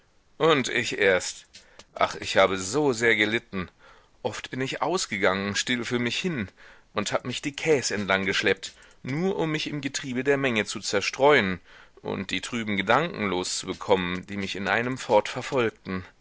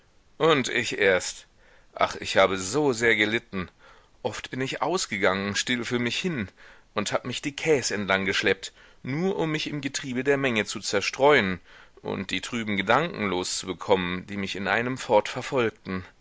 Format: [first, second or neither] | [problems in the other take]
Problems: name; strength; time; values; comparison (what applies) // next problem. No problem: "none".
second | noise reduction (neural separator model SepFormer DNS4)